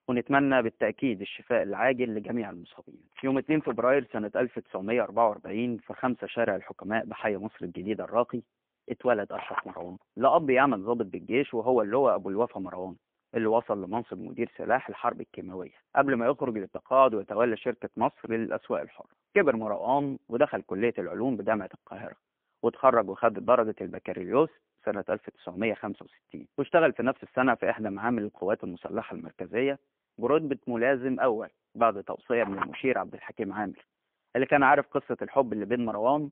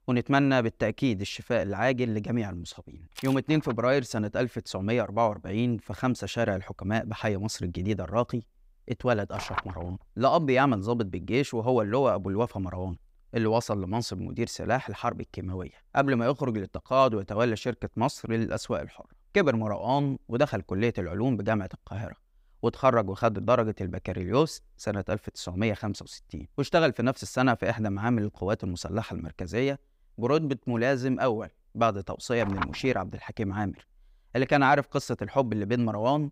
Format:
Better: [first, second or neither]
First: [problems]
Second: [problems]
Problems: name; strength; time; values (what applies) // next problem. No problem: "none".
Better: second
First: phone-call audio; poor line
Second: none